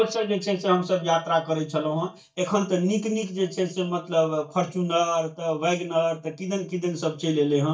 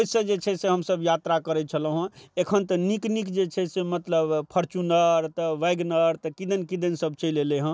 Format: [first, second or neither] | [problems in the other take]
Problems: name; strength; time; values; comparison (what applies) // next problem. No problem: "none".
second | noise reduction (neural mask model DeepFilterNet 3)